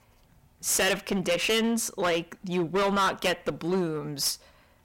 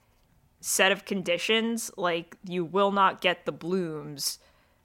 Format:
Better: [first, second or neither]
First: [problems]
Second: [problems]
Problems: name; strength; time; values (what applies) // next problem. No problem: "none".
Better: second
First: distortion; heavy; 13% of the sound clipped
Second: none